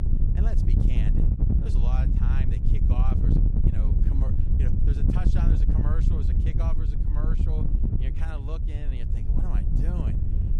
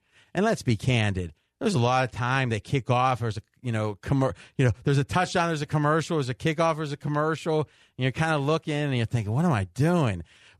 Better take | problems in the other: second | wind noise on the microphone; heavy; 3 dB above the speech

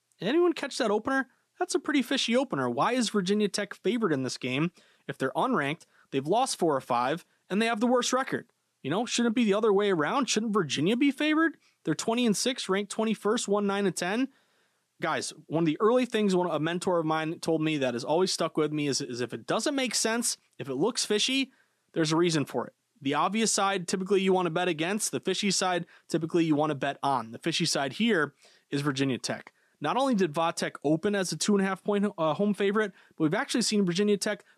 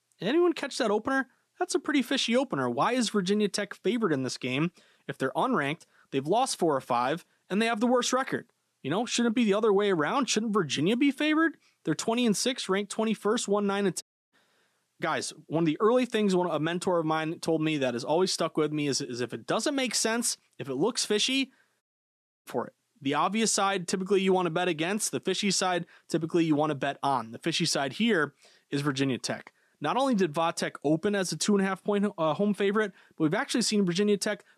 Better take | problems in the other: first | audio cutting out; at 14 s and at 22 s for 0.5 s

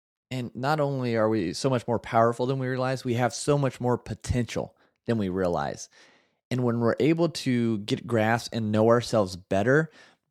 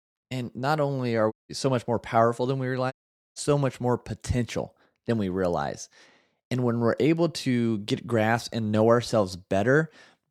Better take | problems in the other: first | audio cutting out; at 1.5 s and at 3 s

